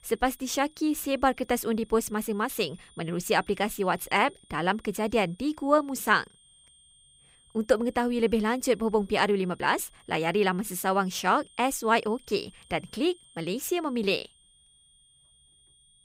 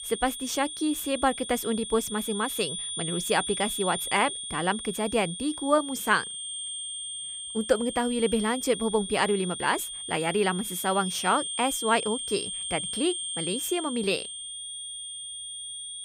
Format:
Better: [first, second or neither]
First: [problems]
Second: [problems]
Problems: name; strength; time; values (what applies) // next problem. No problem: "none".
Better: first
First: high-pitched whine; faint; throughout; 8.5 kHz, 30 dB below the speech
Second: high-pitched whine; loud; throughout; 8.5 kHz, 5 dB below the speech